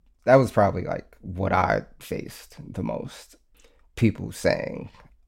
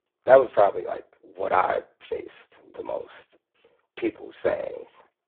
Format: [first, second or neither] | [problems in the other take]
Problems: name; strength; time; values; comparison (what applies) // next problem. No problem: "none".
first | phone-call audio; poor line; nothing above 4 kHz